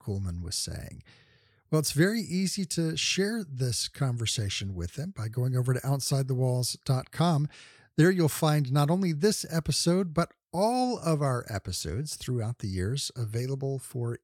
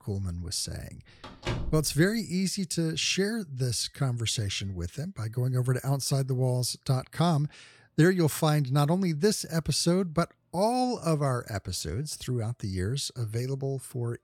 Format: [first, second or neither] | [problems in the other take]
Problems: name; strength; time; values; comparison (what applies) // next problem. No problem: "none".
first | household noises; loud; throughout; 10 dB below the speech